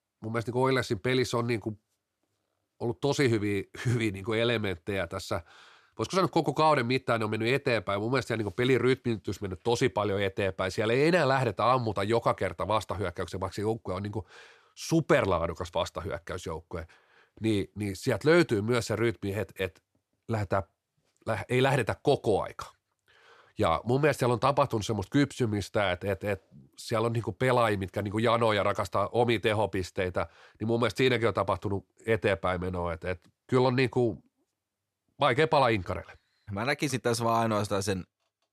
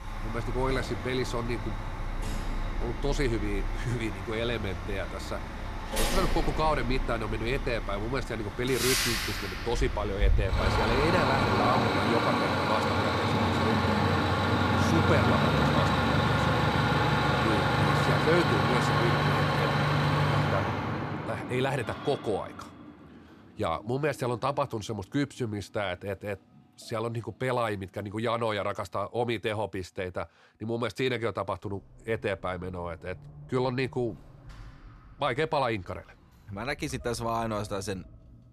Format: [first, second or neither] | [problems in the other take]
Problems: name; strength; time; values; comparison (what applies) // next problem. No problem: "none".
first | traffic noise; very loud; throughout; 4 dB above the speech